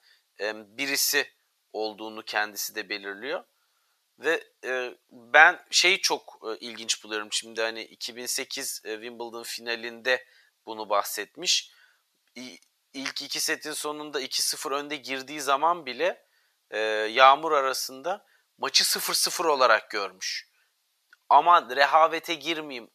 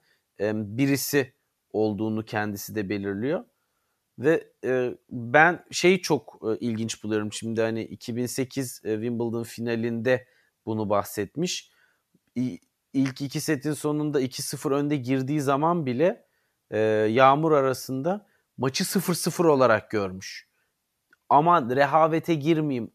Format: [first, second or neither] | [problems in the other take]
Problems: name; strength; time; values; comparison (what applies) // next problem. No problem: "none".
second | thin; very; fading below 750 Hz